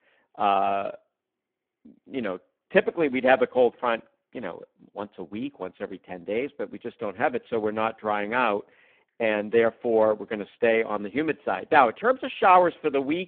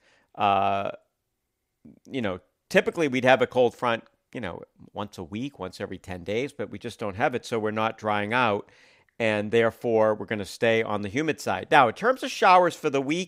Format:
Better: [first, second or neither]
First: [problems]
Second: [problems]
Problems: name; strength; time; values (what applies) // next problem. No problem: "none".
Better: second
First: phone-call audio; poor line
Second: none